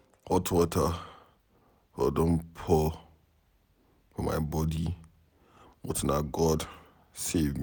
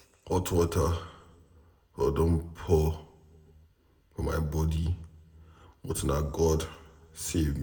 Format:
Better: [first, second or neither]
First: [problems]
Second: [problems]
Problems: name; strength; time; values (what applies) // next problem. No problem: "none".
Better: first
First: none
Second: room echo; dies away in 0.5 s